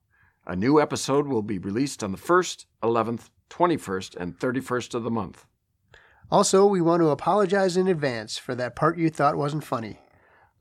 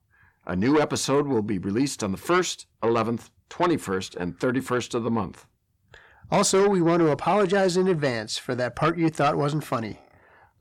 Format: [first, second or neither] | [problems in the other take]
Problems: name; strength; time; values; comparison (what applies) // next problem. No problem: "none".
first | distortion; slight; 10 dB below the speech